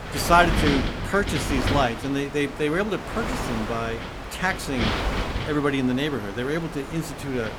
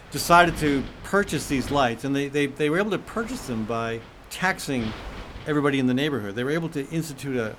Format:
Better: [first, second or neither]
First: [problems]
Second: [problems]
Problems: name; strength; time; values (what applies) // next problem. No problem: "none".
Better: second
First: wind noise on the microphone; heavy; 5 dB below the speech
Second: wind noise on the microphone; occasional gusts; 15 dB below the speech